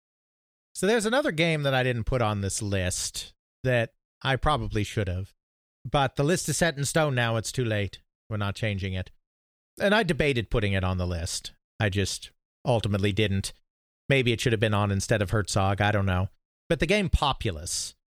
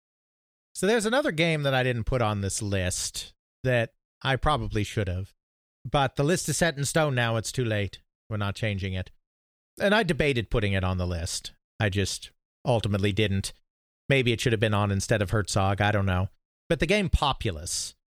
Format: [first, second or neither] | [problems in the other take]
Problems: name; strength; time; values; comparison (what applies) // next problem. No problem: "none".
neither | none